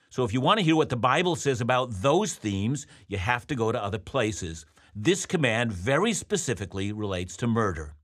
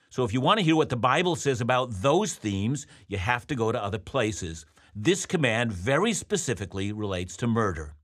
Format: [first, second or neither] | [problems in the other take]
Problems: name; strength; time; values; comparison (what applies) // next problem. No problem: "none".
neither | none